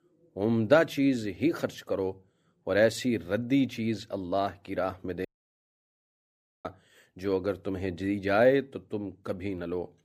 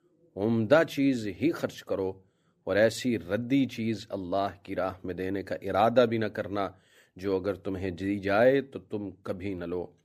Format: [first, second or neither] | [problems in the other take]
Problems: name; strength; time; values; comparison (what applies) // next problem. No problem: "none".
second | audio cutting out; at 5.5 s for 1.5 s